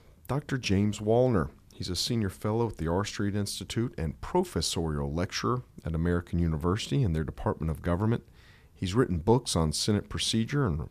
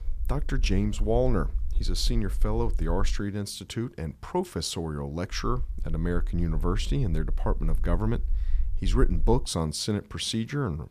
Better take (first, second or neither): first